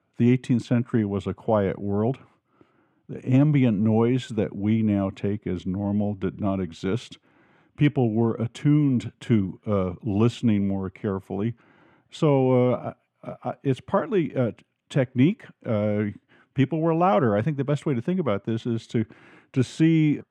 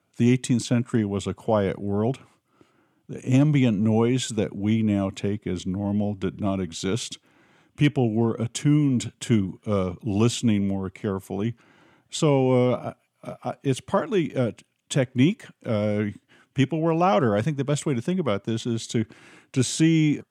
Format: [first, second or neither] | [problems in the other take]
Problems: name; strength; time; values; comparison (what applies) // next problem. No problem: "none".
second | muffled; slightly; fading above 3.5 kHz